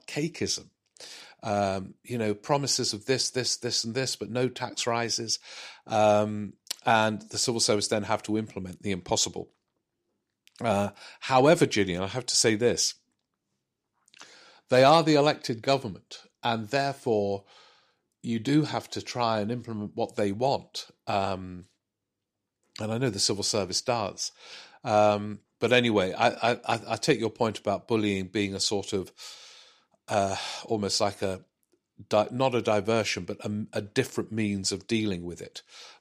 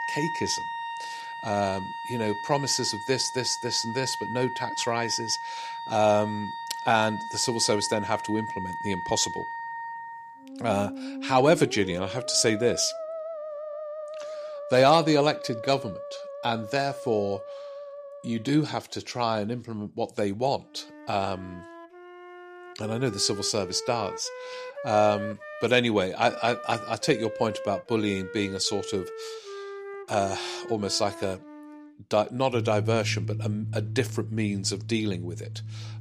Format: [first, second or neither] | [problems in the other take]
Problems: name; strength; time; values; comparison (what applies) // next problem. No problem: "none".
first | background music; loud; throughout; 10 dB below the speech